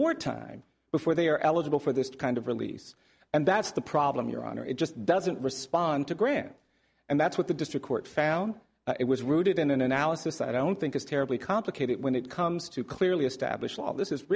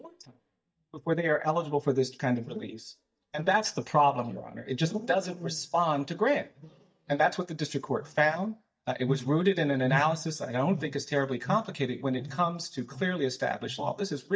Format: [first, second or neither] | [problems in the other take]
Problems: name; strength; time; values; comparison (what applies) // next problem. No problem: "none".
first | noise reduction (neural mask model DeepFilterNet 3)